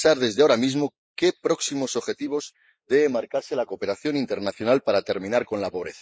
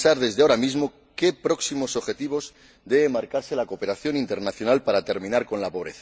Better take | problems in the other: second | noise reduction (neural mask model Resemble Enhance denoiser)

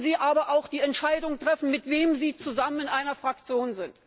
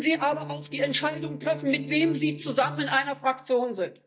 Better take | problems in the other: first | noise reduction (neural mask model DeepFilterNet 3)

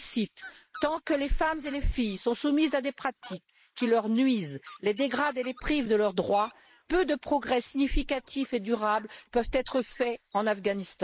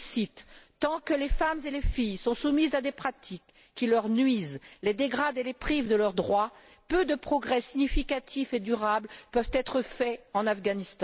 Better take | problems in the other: second | noise reduction (neural mask model Resemble Enhance denoiser)

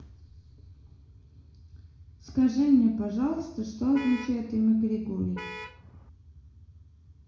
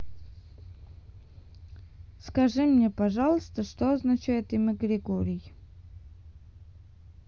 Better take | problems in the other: second | background sound (Vehicle horn, car horn, honking); 14 dB below the speech // room echo; dies away in 0.7 s

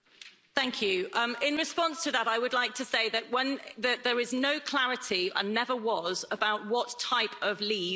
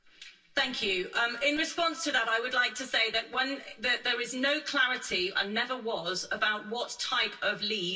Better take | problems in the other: first | room echo; dies away in 0.1 s

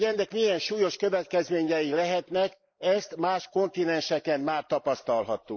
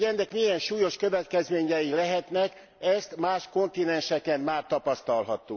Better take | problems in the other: second | noise reduction (neural mask model Resemble Enhance denoiser)

